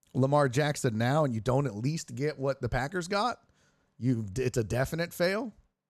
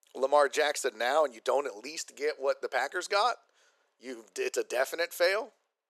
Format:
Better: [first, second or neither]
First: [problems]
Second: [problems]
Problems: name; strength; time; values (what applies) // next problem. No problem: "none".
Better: first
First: none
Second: thin; very; fading below 400 Hz